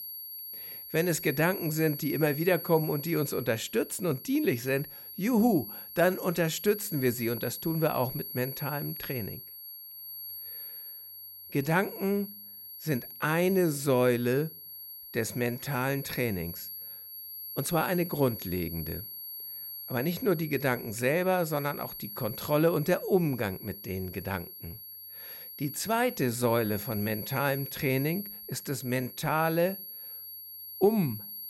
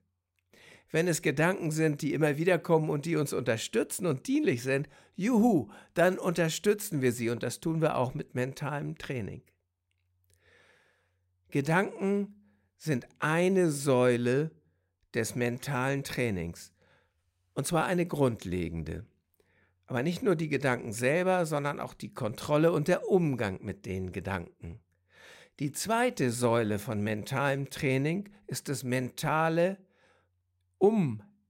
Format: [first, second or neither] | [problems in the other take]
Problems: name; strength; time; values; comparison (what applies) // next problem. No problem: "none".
second | high-pitched whine; loud; throughout; 11.5 kHz, 10 dB below the speech